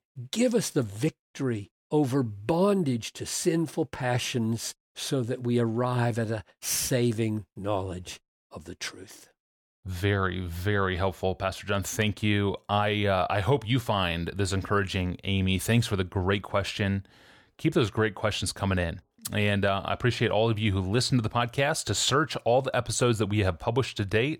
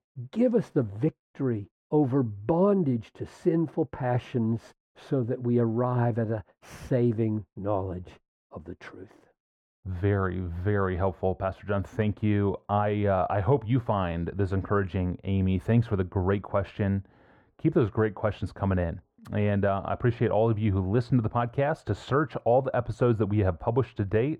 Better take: first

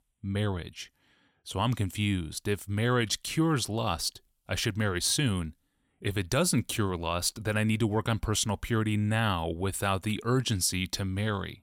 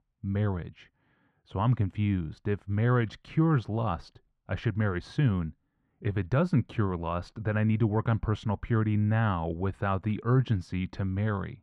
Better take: first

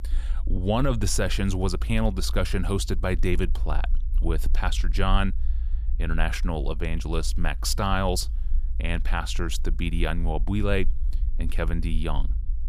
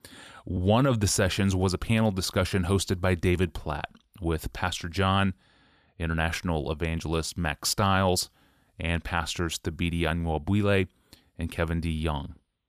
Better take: second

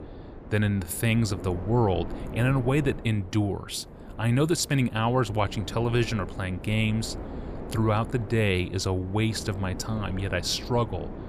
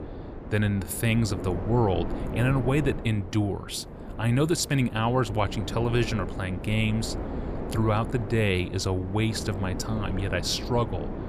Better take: first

